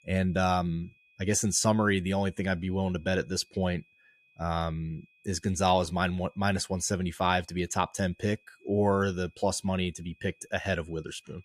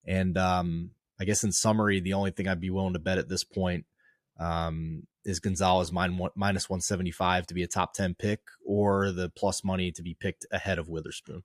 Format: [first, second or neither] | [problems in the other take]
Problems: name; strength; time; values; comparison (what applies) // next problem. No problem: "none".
second | high-pitched whine; faint; throughout; 2.5 kHz, 35 dB below the speech